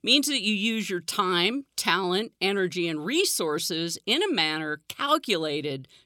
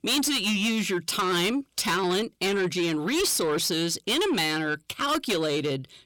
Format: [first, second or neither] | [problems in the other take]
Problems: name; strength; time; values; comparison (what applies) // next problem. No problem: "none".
first | distortion; heavy; 7 dB below the speech